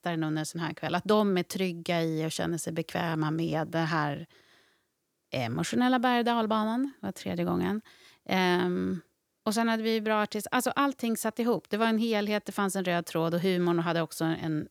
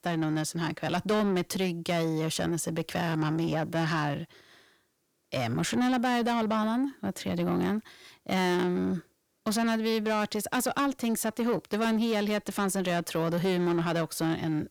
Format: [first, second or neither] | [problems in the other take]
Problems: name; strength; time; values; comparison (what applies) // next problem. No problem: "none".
first | distortion; slight; 10 dB below the speech